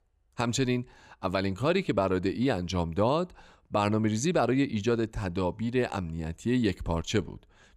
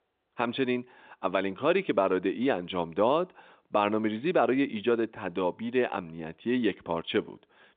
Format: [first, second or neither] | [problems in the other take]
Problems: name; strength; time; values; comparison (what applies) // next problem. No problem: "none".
first | phone-call audio; nothing above 3.5 kHz